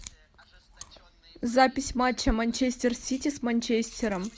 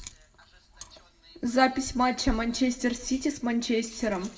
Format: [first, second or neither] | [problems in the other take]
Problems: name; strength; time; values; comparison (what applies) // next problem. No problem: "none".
first | room echo; dies away in 0.7 s